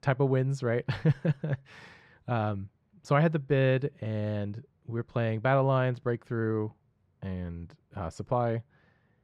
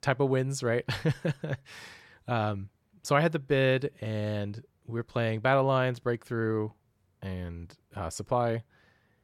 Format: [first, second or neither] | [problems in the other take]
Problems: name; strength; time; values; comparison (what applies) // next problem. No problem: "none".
second | muffled; slightly; fading above 2 kHz